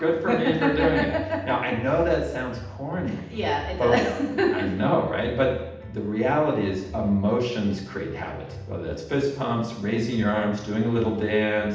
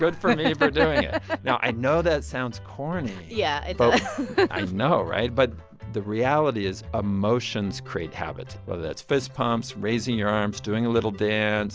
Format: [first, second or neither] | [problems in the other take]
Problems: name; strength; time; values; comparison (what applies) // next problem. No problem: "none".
second | room echo; dies away in 0.8 s